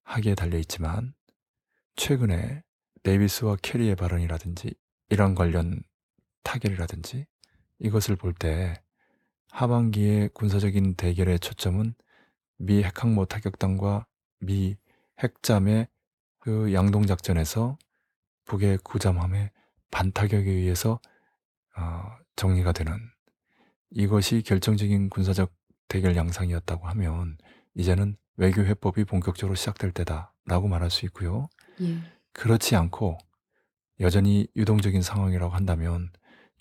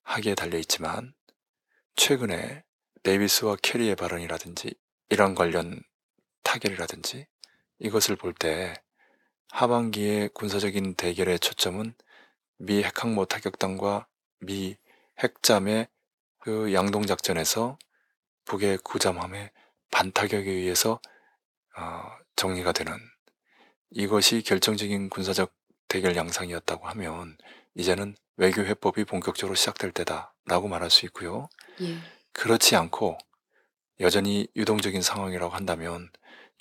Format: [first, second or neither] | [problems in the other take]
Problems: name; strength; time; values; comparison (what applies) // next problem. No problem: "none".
first | thin; somewhat; fading below 350 Hz